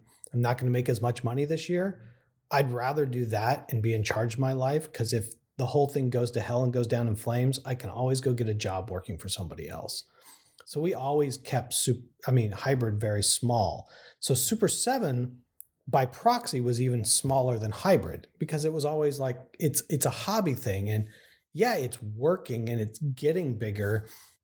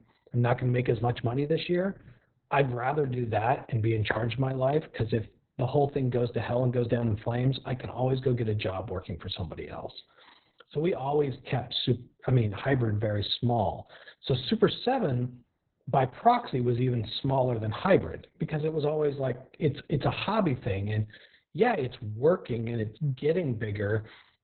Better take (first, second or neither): first